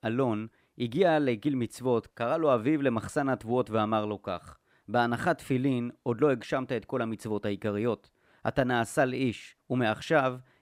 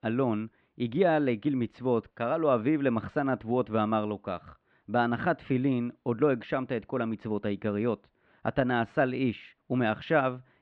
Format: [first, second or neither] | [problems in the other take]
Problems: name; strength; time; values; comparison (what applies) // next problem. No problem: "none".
first | muffled; slightly; fading above 3.5 kHz